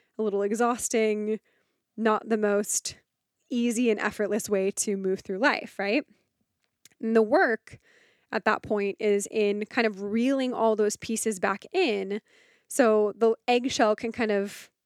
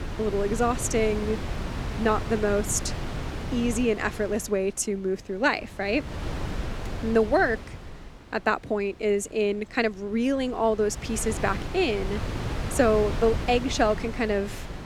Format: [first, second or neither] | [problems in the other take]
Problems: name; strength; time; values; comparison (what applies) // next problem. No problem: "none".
first | wind noise on the microphone; occasional gusts; 10 dB below the speech